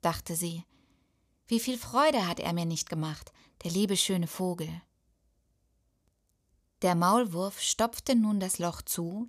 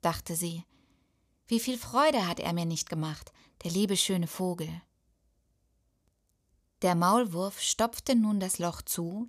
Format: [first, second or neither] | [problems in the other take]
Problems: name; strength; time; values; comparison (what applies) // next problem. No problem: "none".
neither | none